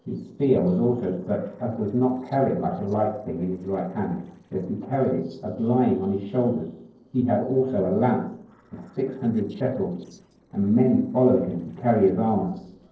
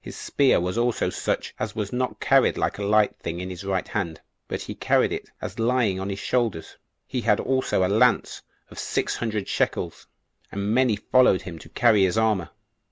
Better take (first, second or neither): second